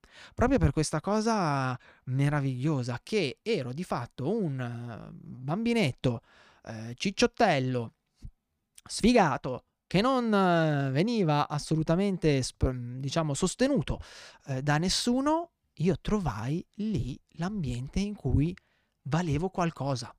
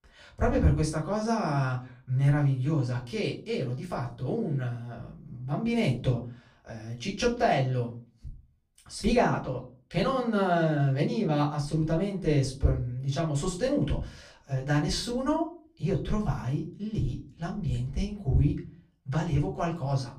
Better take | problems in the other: first | off-mic speech; far // room echo; slight; dies away in 0.3 s

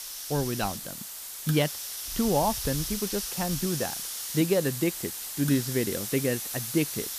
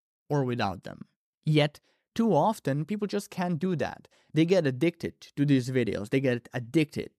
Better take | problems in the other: second | hiss; loud; throughout; 4 dB below the speech

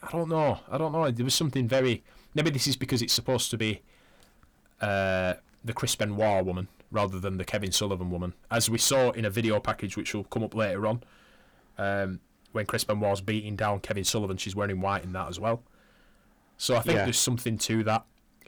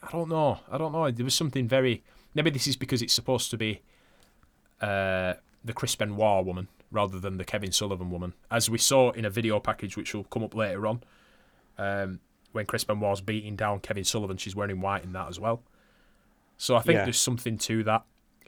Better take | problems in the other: second | distortion; slight; 10 dB below the speech

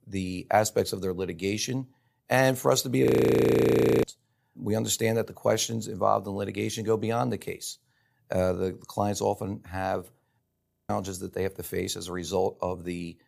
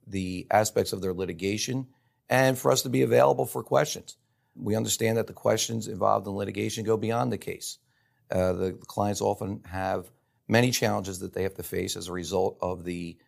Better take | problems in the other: second | audio freezing; at 3 s for 1 s and at 10 s

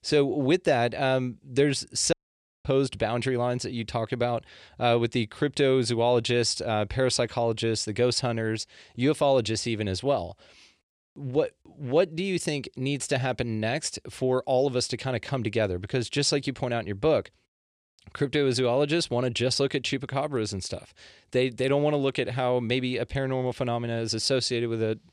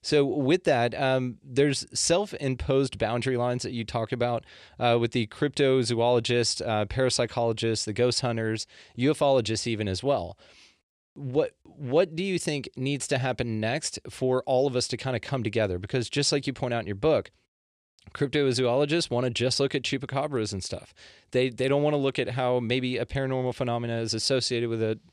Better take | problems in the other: second | audio cutting out; at 2 s for 0.5 s

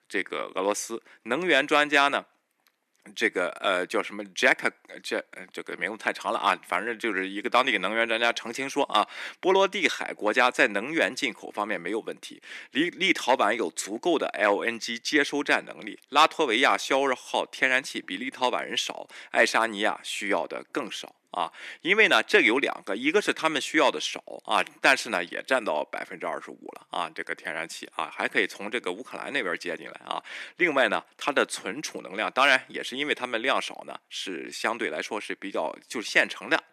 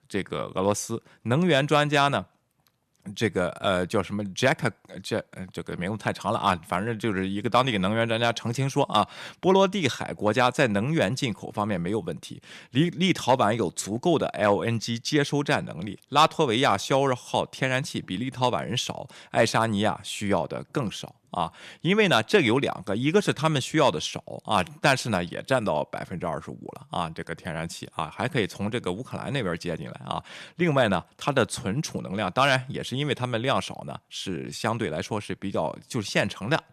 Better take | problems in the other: second | thin; somewhat; fading below 300 Hz

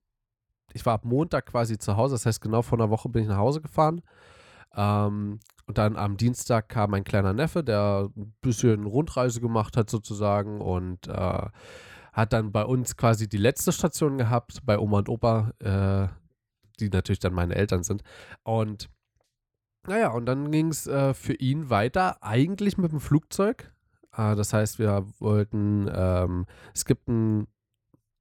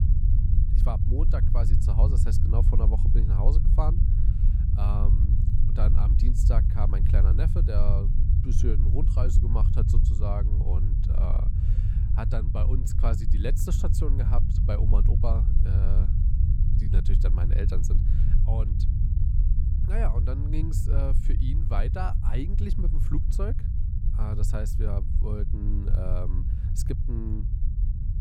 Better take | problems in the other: first | low rumble; loud; throughout; 3 dB below the speech

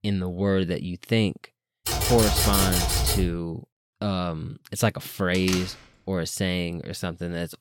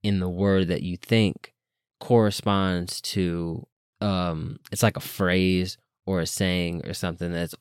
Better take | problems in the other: second | keyboard typing; loud; from 2 to 3.5 s; peak 5 dB above the speech // door banging; noticeable; at 5.5 s; peak 5 dB below the speech

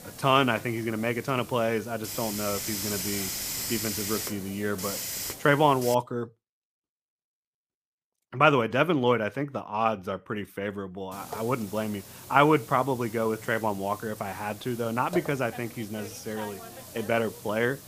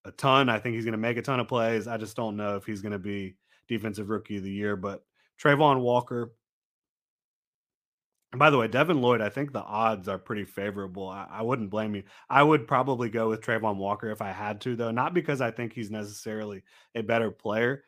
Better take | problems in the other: second | hiss; loud; until 6 s and from 11 s on; 8 dB below the speech

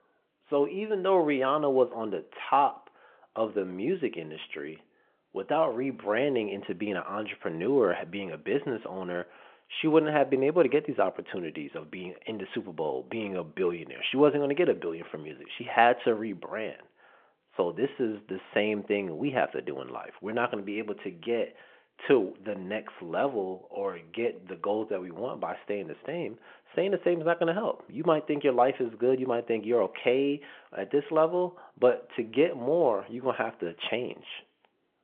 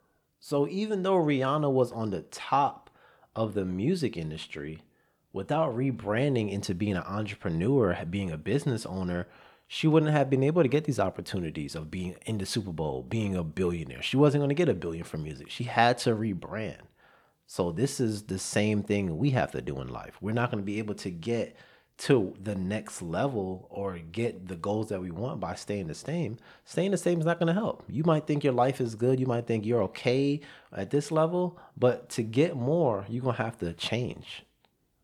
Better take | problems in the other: second | phone-call audio

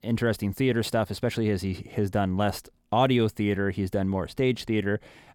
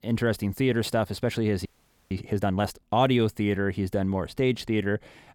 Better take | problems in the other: first | audio freezing; at 1.5 s

